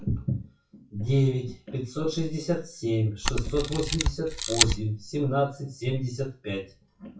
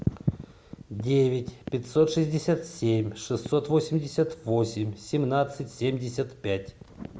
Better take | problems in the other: second | noise reduction (classical method WPE with log-MMSE)

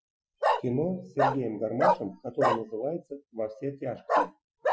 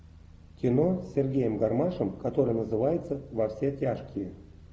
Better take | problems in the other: second | noise reduction (classical method Wiener filter)

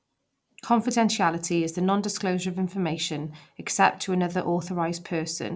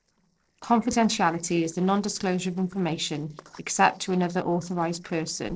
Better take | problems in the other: first | noise reduction (neural separator model SepFormer DNS4)

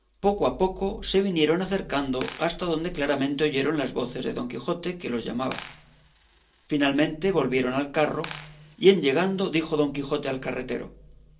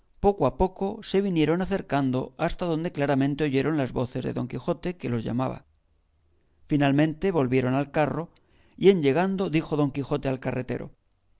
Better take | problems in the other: second | background sound (Coin (dropping)); 19 dB below the speech // room echo; dies away in 0.2 s

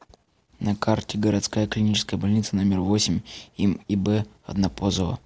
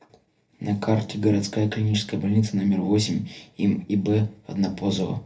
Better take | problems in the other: first | room echo; dies away in 0.3 s

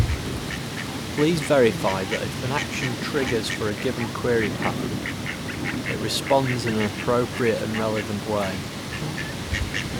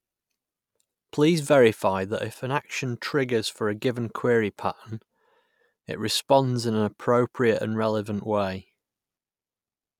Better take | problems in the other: second | background sound (Fowl); 2 dB below the speech

